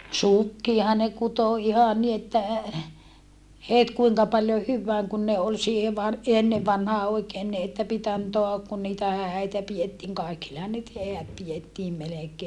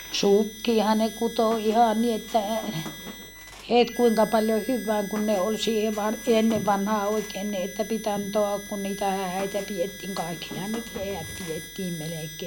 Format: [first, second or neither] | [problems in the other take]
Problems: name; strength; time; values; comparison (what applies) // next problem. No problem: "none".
first | background sound (Harmonica + Squeak); 14 dB below the speech